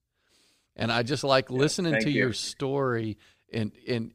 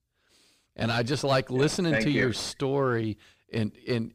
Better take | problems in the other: first | distortion; slight; 9 dB below the speech

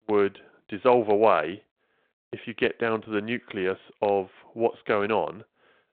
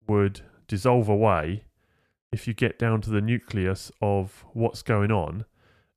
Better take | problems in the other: second | phone-call audio

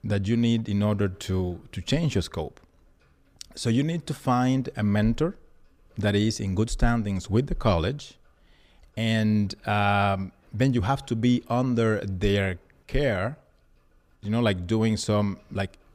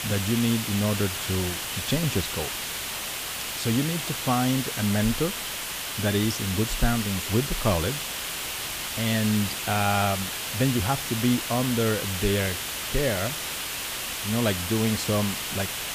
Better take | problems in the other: first | hiss; loud; throughout; 2 dB below the speech

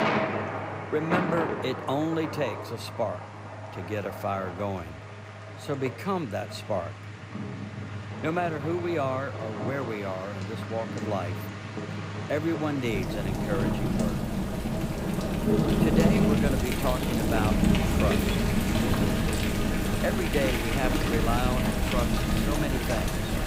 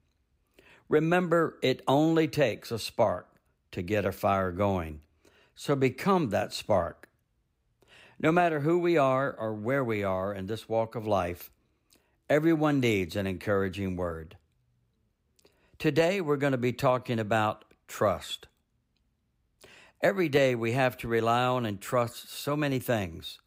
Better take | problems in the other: second | rain or running water; very loud; throughout; 3 dB above the speech

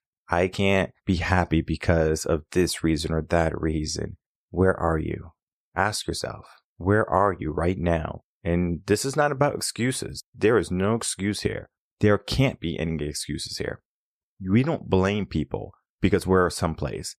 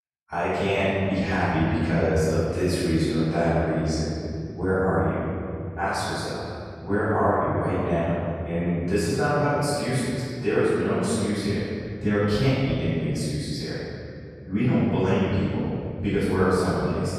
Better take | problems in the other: first | off-mic speech; far // room echo; strong; dies away in 2.4 s

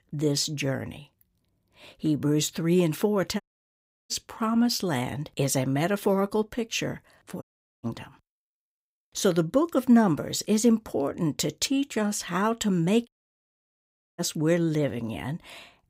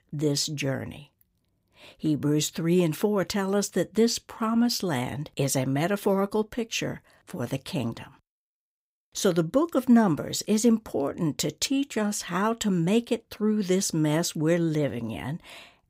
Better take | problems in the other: second | audio cutting out; at 3.5 s for 0.5 s, at 7.5 s and at 13 s for 1 s

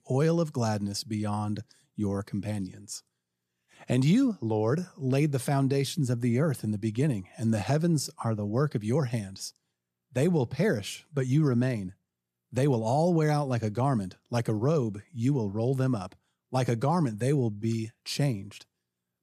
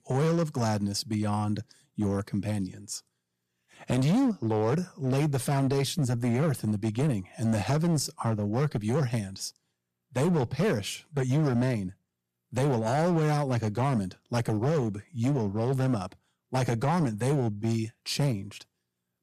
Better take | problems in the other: first | distortion; slight; 10% of the sound clipped

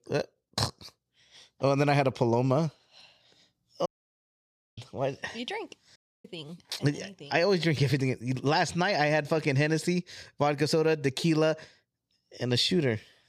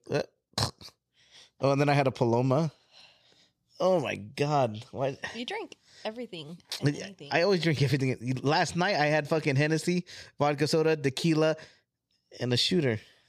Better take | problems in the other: second | audio cutting out; at 4 s for 1 s and at 6 s

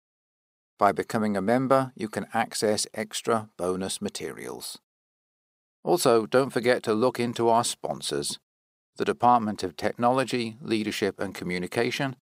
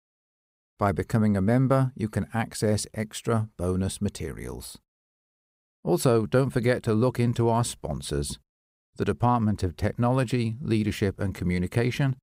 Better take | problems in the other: second | thin; somewhat; fading below 300 Hz

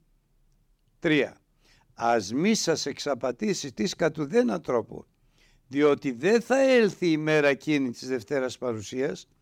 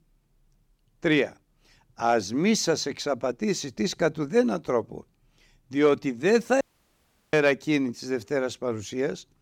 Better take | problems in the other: first | audio cutting out; at 6.5 s for 0.5 s

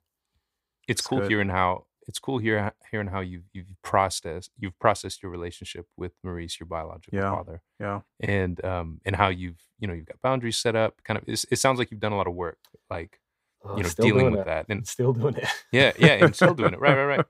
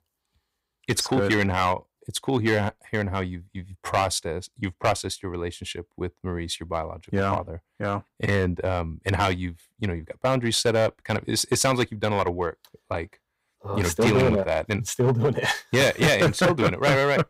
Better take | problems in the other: first | distortion; heavy; 5% of the sound clipped

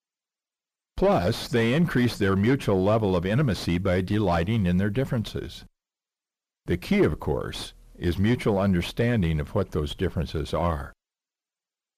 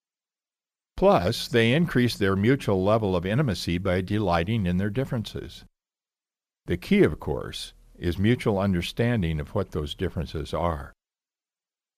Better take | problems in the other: second | distortion; slight; 10 dB below the speech

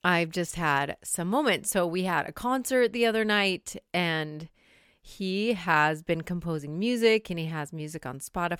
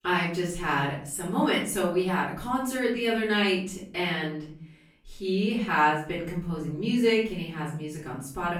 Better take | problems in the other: first | off-mic speech; far // room echo; noticeable; dies away in 0.5 s

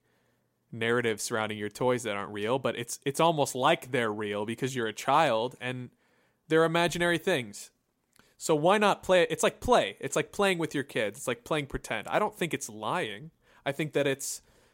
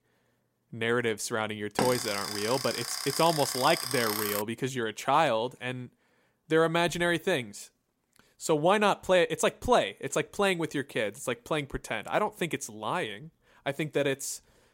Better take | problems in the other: first | alarm; noticeable; from 2 to 4.5 s; peak 2 dB below the speech

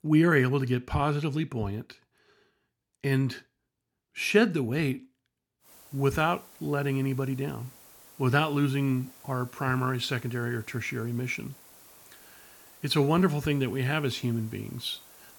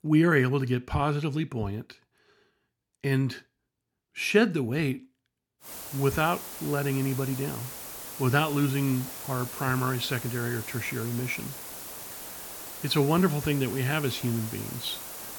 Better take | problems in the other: first | hiss; loud; from 5.5 s on; 9 dB below the speech; faint in the first

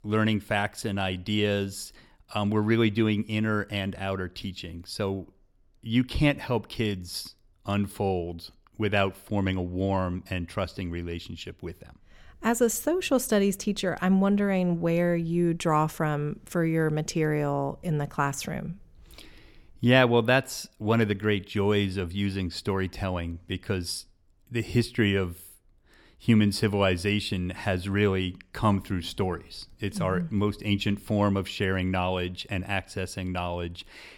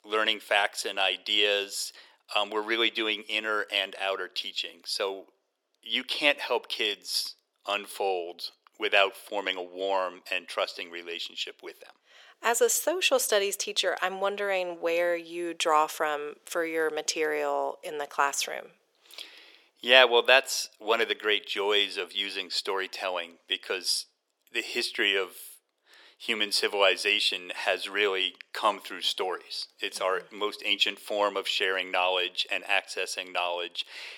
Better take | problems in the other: first | thin; very; fading below 450 Hz

